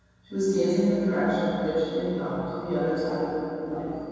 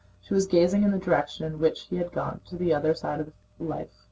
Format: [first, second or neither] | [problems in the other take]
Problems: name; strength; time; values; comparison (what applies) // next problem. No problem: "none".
second | room echo; dies away in 2.1 s